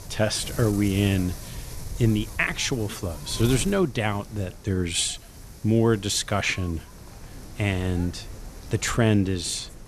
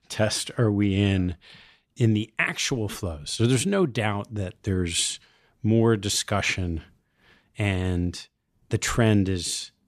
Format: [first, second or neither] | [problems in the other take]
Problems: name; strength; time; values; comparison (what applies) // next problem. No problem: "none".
second | wind noise on the microphone; occasional gusts; 15 dB below the speech